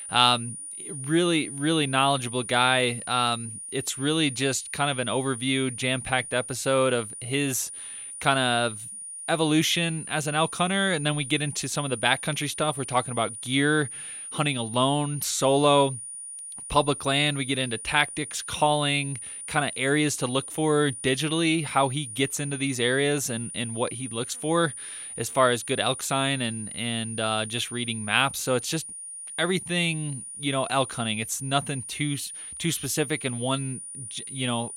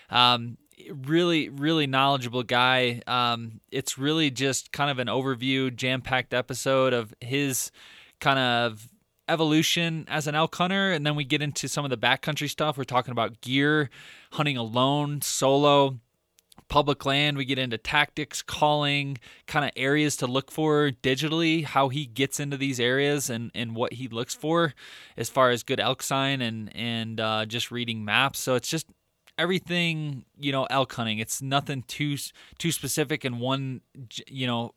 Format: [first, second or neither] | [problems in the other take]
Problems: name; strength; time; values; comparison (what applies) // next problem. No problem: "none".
second | high-pitched whine; loud; throughout; 9.5 kHz, 10 dB below the speech